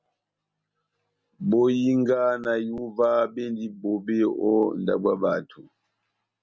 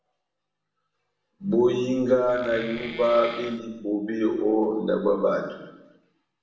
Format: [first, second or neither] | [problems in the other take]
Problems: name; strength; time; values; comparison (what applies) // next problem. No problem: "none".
first | background sound (Wood); 14 dB below the speech // room echo; dies away in 0.9 s